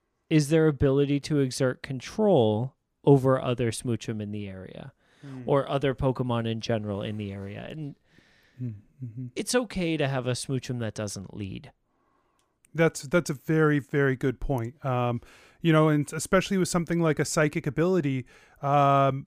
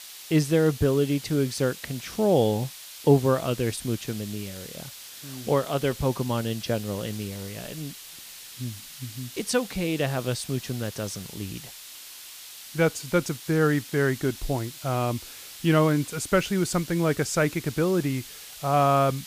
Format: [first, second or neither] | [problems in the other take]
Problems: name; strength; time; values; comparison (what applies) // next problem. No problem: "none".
first | hiss; noticeable; throughout; 15 dB below the speech